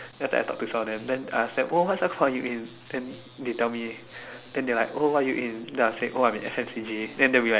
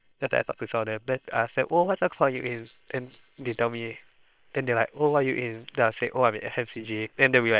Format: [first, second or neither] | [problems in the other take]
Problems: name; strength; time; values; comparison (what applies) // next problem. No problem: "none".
first | noise reduction (neural separator model SepFormer WHAM!)